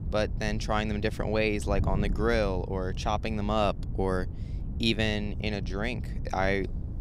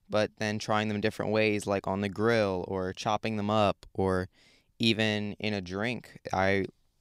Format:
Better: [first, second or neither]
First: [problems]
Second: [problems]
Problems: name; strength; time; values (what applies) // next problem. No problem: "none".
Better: second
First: wind noise on the microphone; occasional gusts; 20 dB below the speech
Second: none